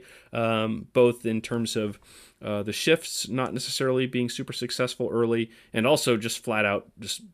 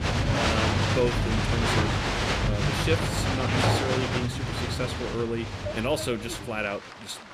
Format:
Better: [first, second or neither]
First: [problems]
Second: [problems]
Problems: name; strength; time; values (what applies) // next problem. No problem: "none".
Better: first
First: none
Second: crowd noise; very loud; throughout; 5 dB above the speech